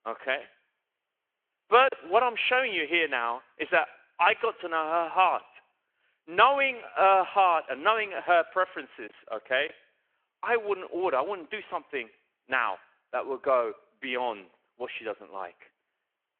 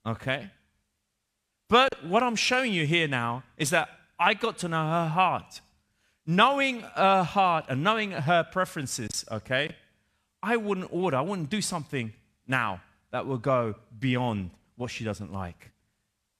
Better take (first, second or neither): second